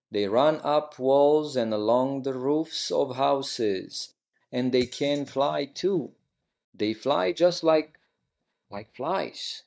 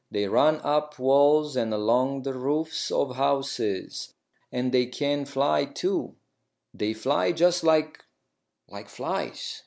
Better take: second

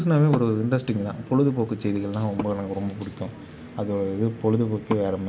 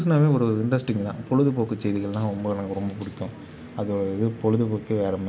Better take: second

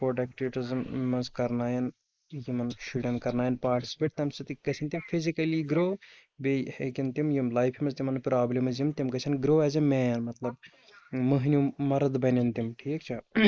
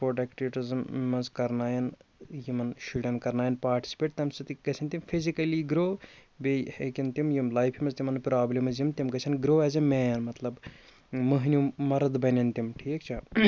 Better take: second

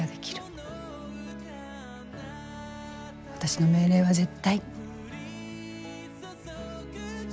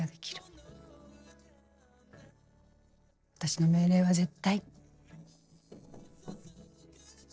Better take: first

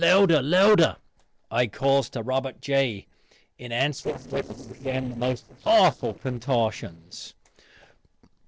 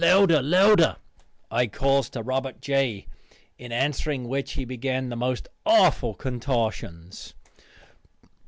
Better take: second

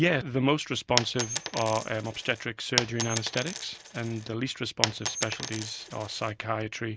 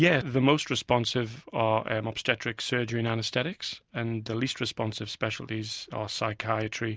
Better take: second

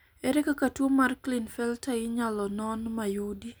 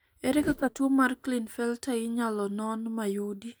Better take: first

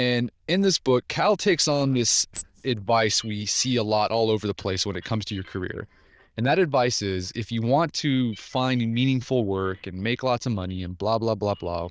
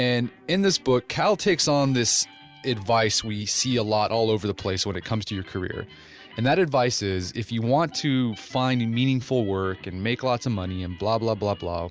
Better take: second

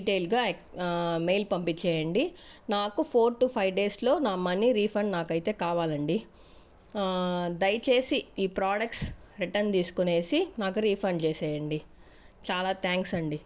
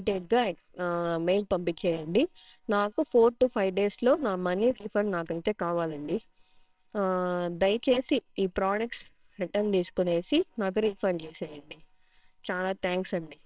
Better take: first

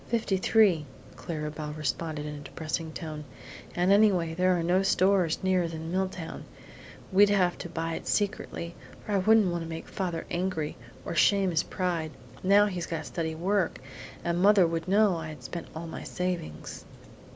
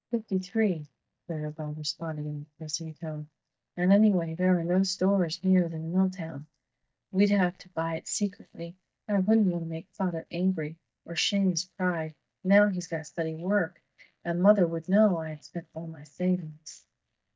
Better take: first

